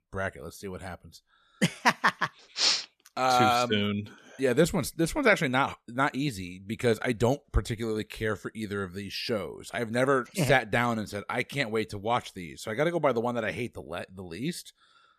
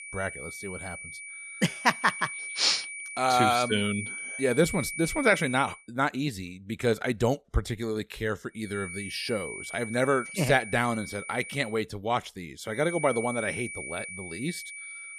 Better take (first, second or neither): first